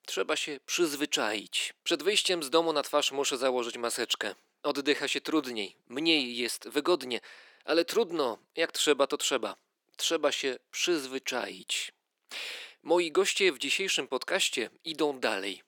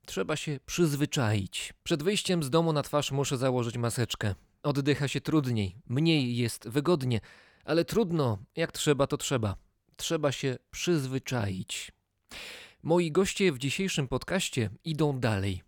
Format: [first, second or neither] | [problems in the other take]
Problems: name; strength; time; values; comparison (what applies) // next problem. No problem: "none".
second | thin; somewhat; fading below 300 Hz